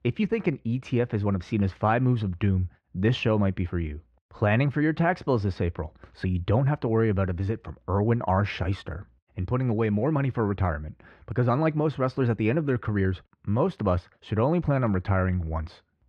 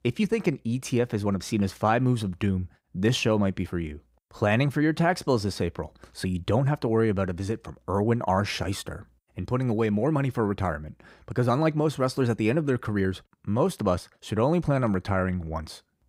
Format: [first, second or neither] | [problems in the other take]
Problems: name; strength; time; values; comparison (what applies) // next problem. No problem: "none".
second | muffled; slightly; fading above 2.5 kHz